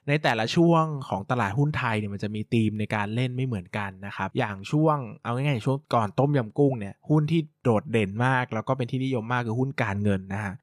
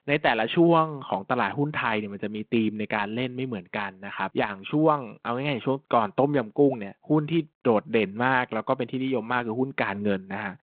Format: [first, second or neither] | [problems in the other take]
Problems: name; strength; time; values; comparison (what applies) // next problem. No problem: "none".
first | phone-call audio; nothing above 3.5 kHz